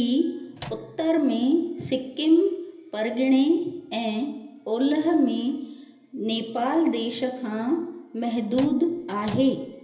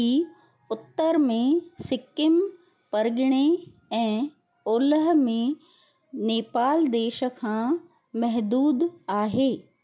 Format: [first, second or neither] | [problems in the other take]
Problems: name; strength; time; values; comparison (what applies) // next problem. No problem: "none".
second | background sound (Microwave oven); 17 dB below the speech // room echo; dies away in 1.4 s